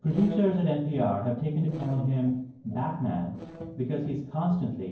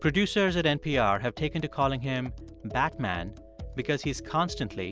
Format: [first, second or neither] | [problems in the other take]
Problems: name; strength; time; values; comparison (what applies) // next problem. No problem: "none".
second | noise reduction (neural separator model SepFormer DNS4)